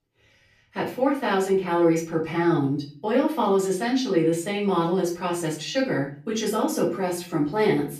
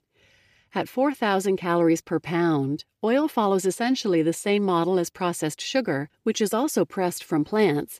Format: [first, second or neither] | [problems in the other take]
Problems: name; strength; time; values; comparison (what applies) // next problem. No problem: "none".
second | off-mic speech; far // room echo; slight; dies away in 0.3 s